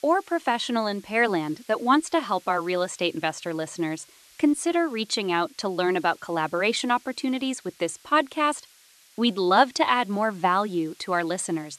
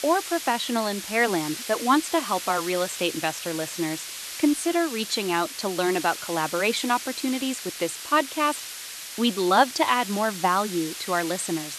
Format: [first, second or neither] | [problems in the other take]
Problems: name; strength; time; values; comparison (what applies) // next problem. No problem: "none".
first | hiss; loud; throughout; 8 dB below the speech; faint in the first